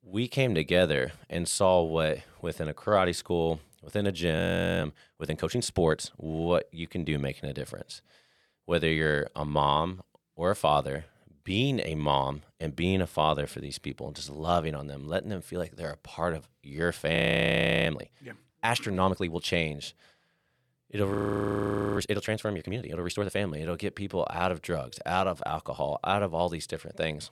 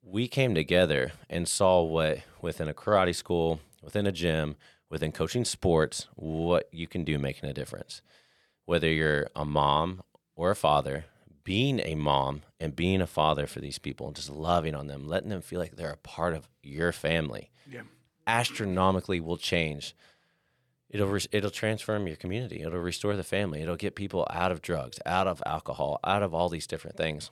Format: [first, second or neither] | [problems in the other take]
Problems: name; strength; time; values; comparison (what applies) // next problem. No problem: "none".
second | audio freezing; at 4.5 s, at 17 s for 0.5 s and at 21 s for 1 s